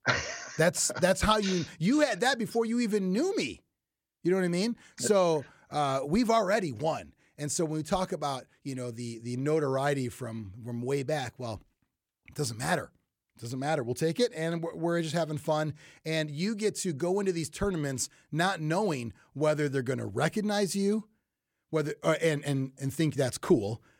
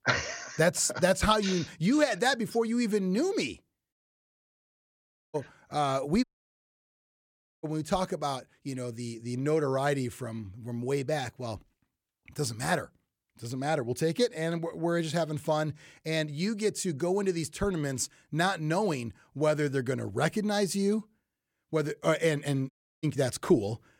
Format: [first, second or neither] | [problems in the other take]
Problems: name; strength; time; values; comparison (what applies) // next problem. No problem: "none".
first | audio cutting out; at 4 s for 1.5 s, at 6 s for 1.5 s and at 23 s